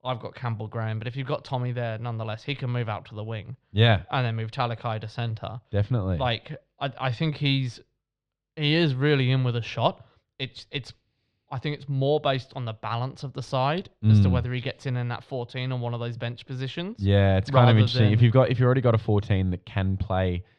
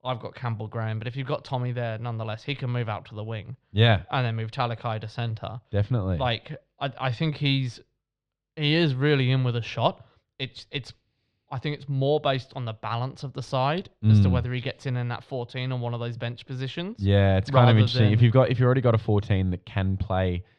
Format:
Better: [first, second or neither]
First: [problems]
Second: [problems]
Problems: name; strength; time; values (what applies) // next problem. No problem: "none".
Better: neither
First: muffled; very slightly; fading above 3.5 kHz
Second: muffled; very slightly; fading above 3.5 kHz